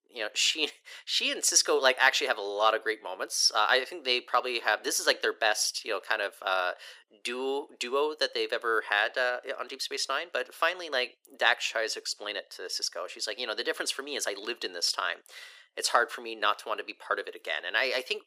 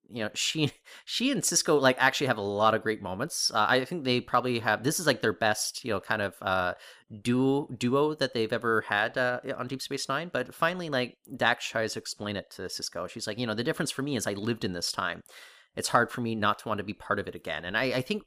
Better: second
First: thin; very; fading below 350 Hz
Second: none

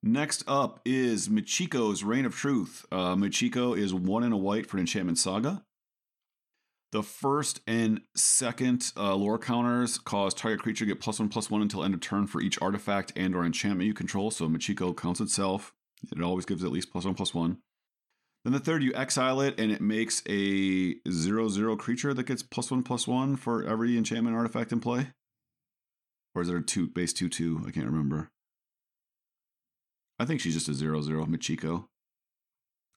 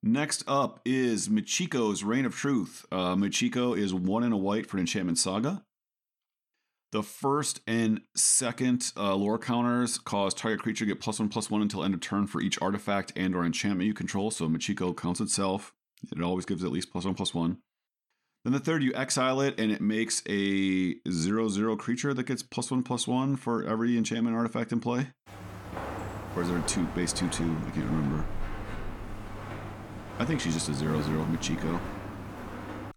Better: first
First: none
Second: footsteps; noticeable; from 25 s on; peak 6 dB below the speech

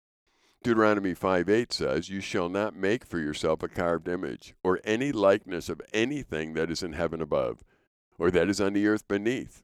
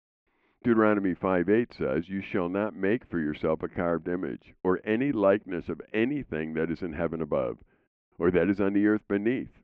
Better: first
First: none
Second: muffled; very; fading above 2.5 kHz

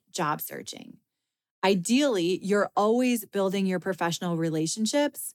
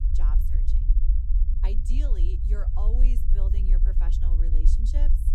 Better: first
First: none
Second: low rumble; loud; throughout; 2 dB below the speech

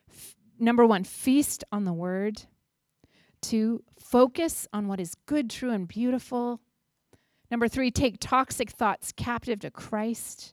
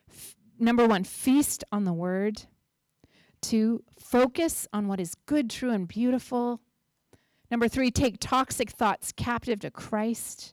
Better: first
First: none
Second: distortion; slight; 3% of the sound clipped

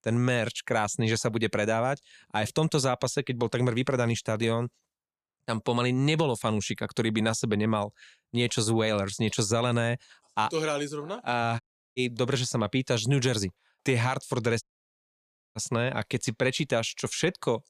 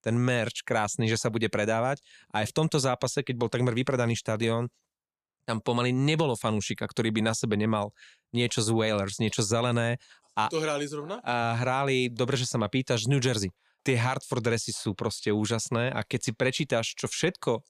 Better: second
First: audio cutting out; at 12 s and at 15 s for 1 s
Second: none

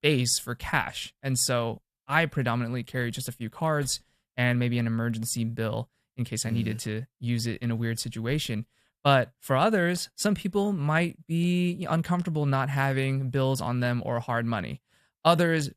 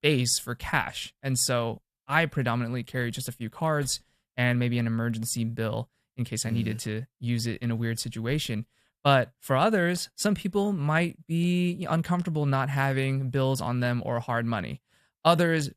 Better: neither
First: none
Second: none

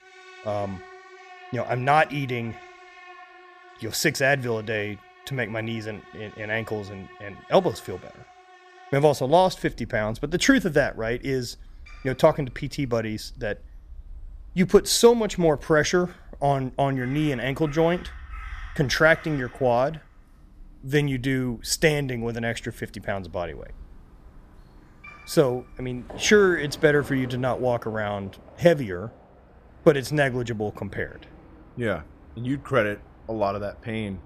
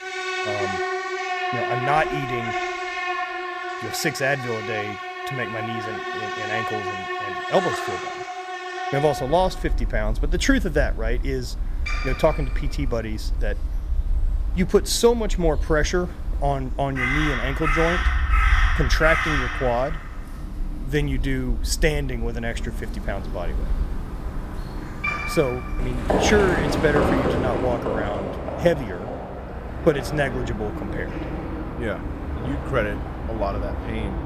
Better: first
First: animal sounds; faint; throughout; 20 dB below the speech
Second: animal sounds; loud; throughout; 2 dB below the speech

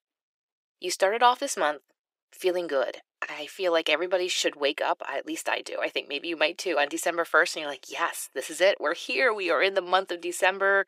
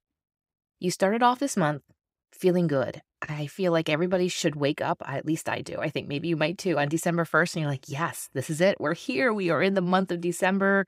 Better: second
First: thin; very; fading below 400 Hz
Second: none

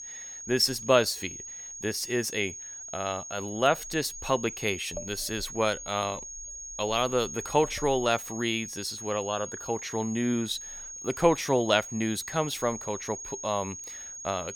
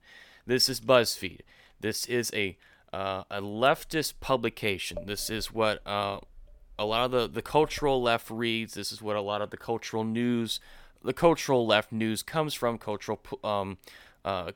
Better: second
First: high-pitched whine; loud; throughout; 6.5 kHz, 9 dB below the speech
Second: none

